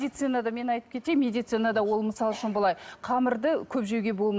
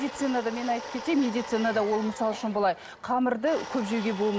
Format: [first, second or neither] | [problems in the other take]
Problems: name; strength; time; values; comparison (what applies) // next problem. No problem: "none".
first | background sound (Domestic sounds, home sounds); 13 dB below the speech